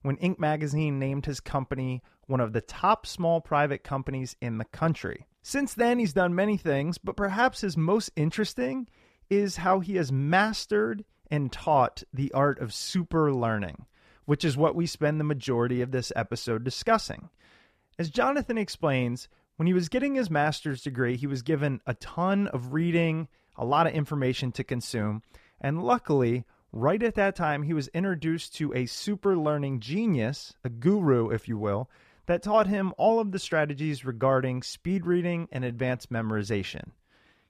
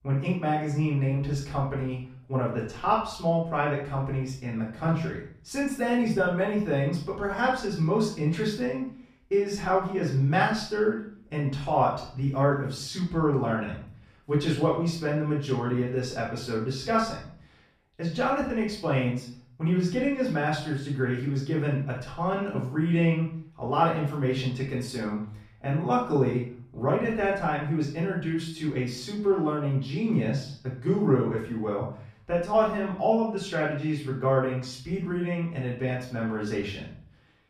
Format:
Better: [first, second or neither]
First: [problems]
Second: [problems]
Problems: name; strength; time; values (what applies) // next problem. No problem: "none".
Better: first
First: none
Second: off-mic speech; far // room echo; noticeable; dies away in 0.5 s